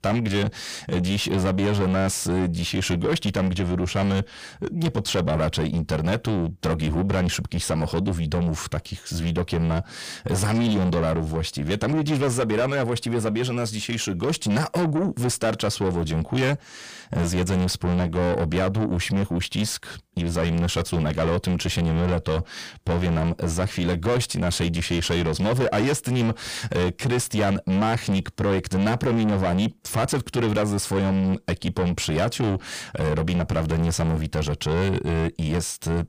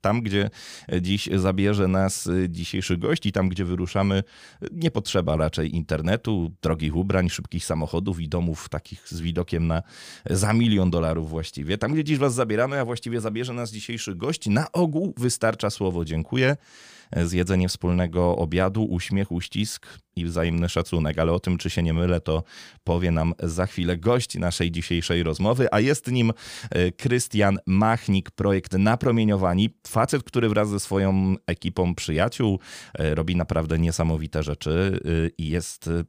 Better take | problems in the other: second | distortion; heavy; 6 dB below the speech

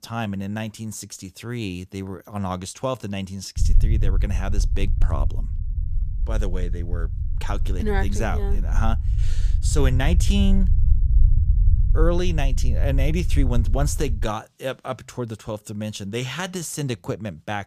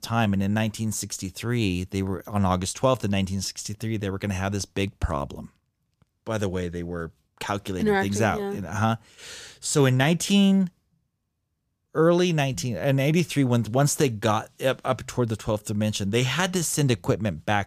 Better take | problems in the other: second | low rumble; noticeable; from 3.5 to 14 s; 10 dB below the speech

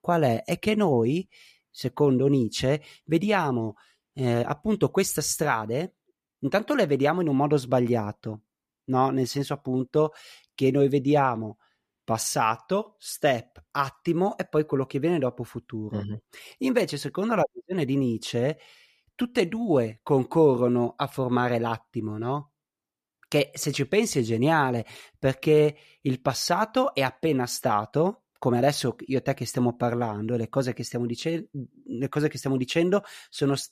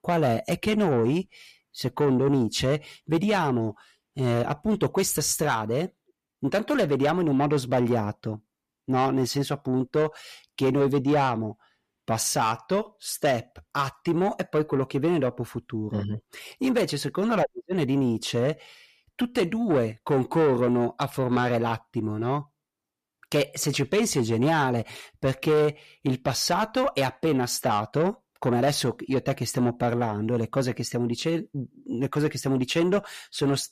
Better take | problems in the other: first | distortion; slight; 10 dB below the speech

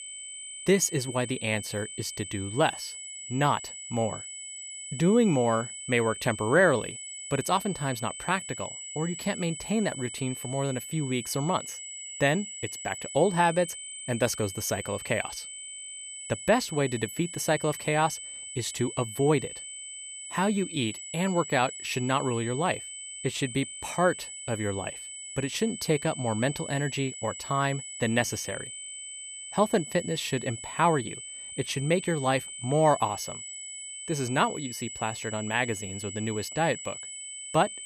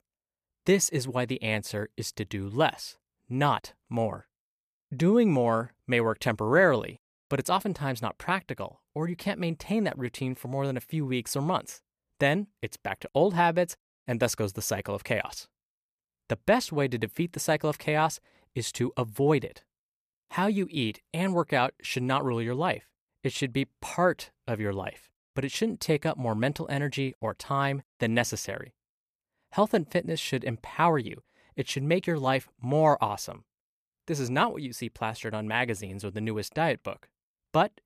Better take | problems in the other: second | high-pitched whine; loud; throughout; 8 kHz, 9 dB below the speech

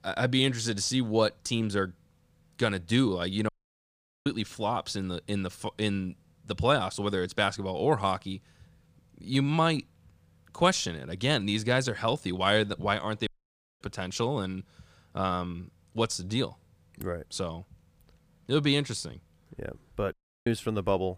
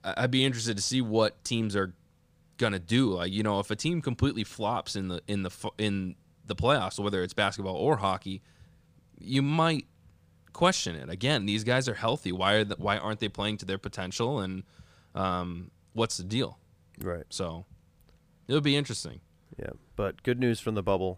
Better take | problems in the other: second | audio cutting out; at 3.5 s for 1 s, at 13 s for 0.5 s and at 20 s

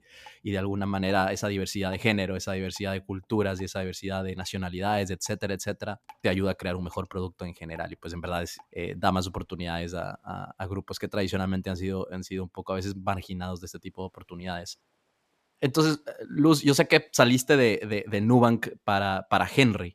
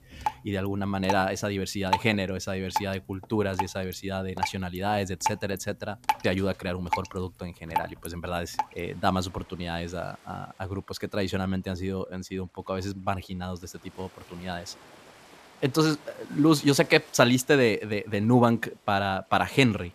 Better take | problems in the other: first | rain or running water; loud; throughout; 6 dB below the speech; faint in the first

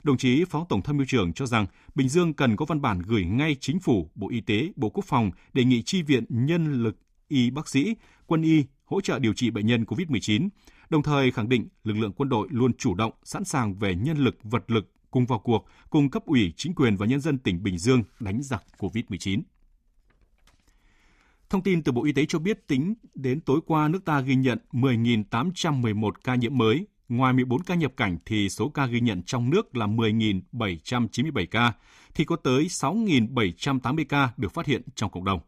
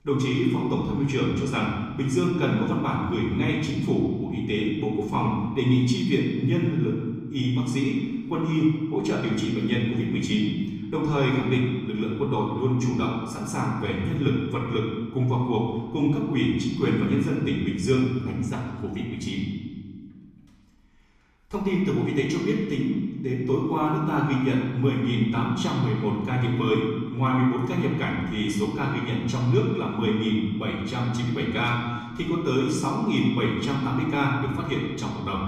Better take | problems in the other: first | off-mic speech; far // room echo; noticeable; dies away in 1.4 s

